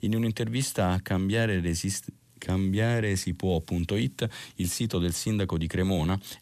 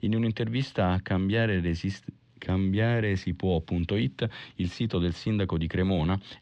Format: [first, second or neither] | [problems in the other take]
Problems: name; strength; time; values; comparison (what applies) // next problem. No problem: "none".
first | muffled; slightly; fading above 4 kHz